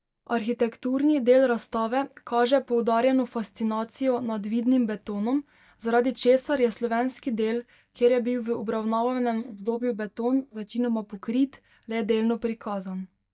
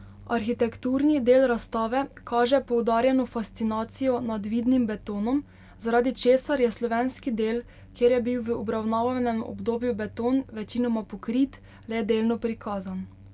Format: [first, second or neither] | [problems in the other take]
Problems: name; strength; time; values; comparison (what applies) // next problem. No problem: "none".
second | noise reduction (neural mask model DeepFilterNet 3)